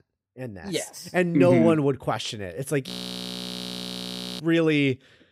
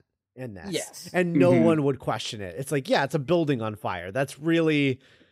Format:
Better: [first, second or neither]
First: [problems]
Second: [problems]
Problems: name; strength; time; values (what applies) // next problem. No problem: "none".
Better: second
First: audio freezing; at 3 s for 1.5 s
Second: none